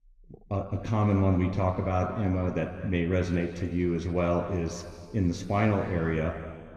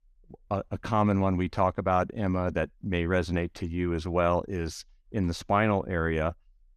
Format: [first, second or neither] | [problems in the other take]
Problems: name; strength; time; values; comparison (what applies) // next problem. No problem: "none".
second | room echo; noticeable; dies away in 2.2 s // off-mic speech; somewhat distant